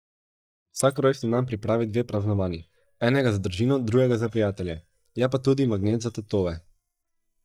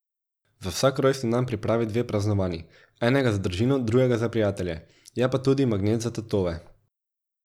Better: second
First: noise reduction (neural mask model DeepFilterNet 3)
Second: none

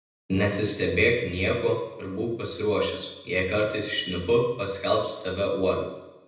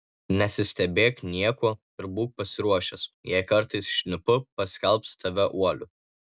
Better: second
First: room echo; dies away in 0.9 s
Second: none

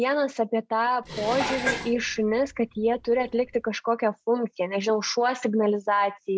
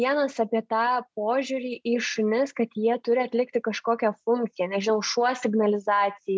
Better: second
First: background sound (Dishes, pots, and pans); 9 dB below the speech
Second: none

